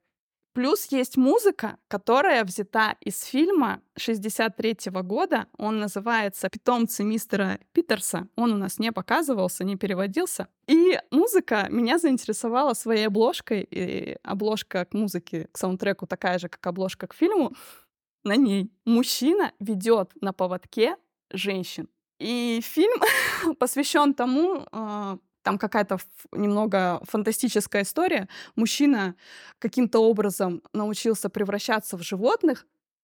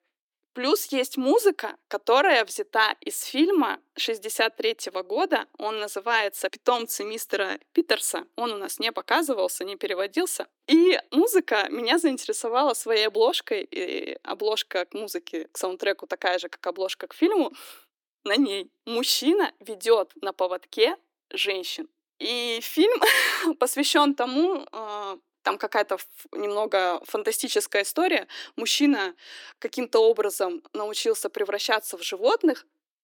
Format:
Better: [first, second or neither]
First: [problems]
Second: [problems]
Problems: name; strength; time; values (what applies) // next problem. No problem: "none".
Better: first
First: none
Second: thin; very slightly; fading below 300 Hz